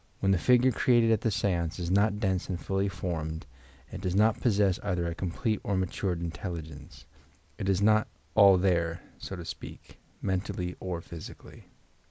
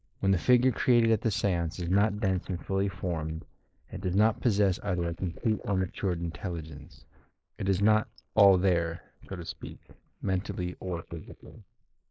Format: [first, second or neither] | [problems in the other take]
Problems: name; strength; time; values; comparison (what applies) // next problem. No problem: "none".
first | noise reduction (neural mask model Resemble Enhance denoiser)